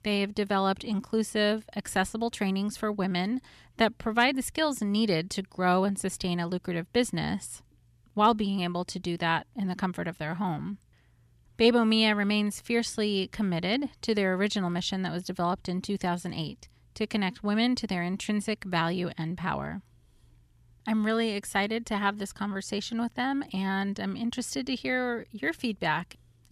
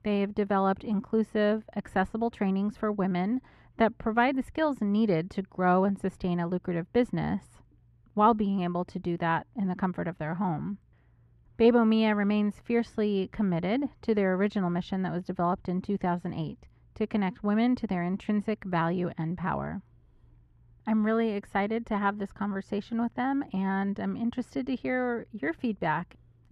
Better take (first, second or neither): first